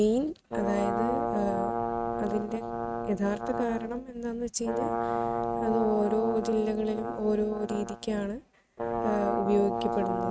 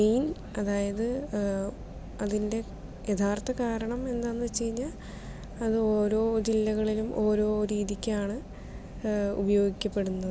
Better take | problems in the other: second | noise reduction (neural mask model RNNoise)

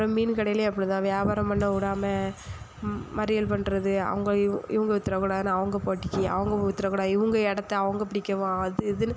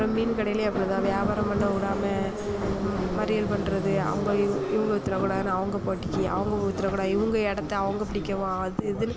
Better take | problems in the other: first | background sound (Subway, metro, underground); 4 dB below the speech

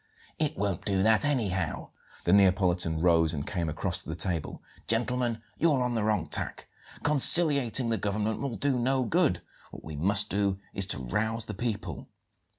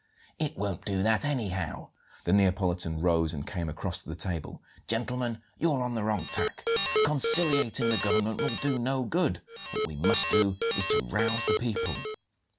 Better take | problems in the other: first | background sound (Alarm); as loud as the speech

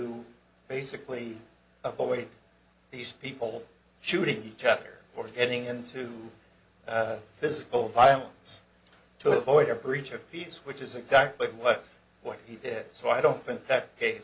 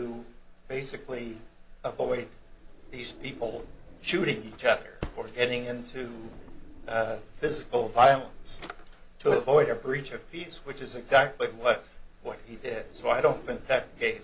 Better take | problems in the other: first | background sound (Drawer open or close); 16 dB below the speech

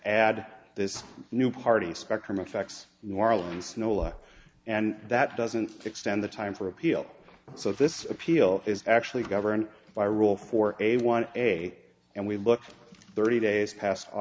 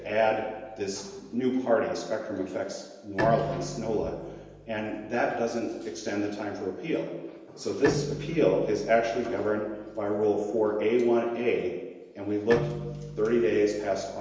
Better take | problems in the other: first | background sound (Bowed string instrument); 13 dB below the speech // room echo; dies away in 1 s

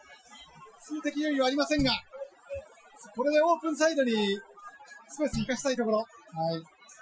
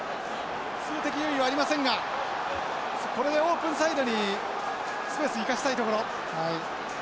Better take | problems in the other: second | noise reduction (classical method Wiener filter)

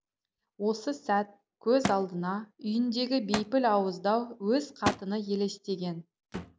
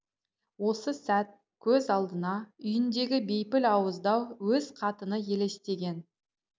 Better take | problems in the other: second | background sound (Thump, thud); 11 dB below the speech

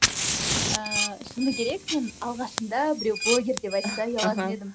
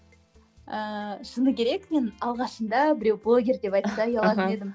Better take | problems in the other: second | background sound (Dishes, pots, and pans + Fire); 1 dB below the speech

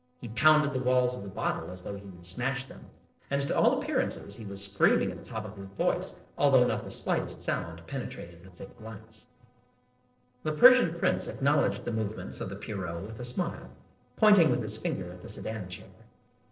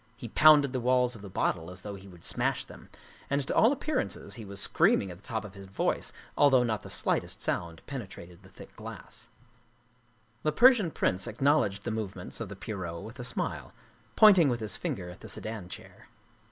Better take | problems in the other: second | noise reduction (neural separator model SepFormer DNS4)

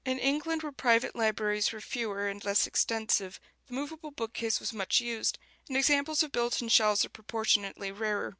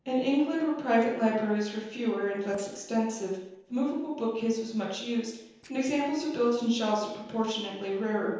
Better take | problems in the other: first | noise reduction (neural separator model SepFormer DNS4)

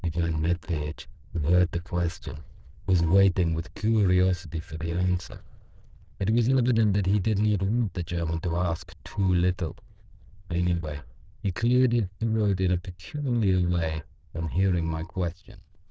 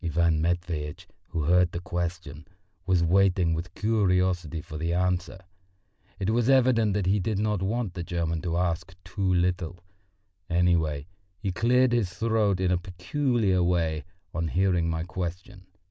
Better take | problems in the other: second | noise reduction (neural diffusion model UNIVERSE++)

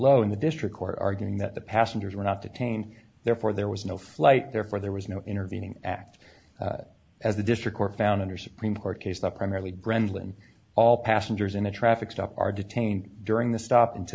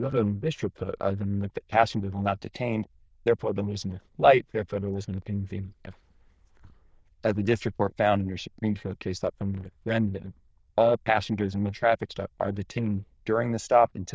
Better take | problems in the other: first | noise reduction (neural diffusion model UNIVERSE++)

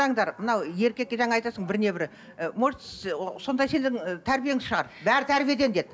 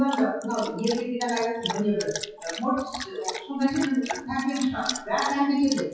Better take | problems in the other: first | noise reduction (classical method WPE with log-MMSE)

